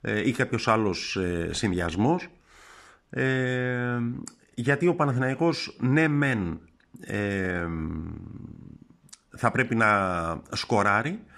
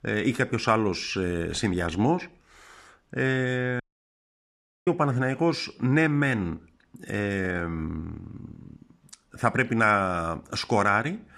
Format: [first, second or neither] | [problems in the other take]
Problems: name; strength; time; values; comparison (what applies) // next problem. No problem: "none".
first | audio cutting out; at 4 s for 1 s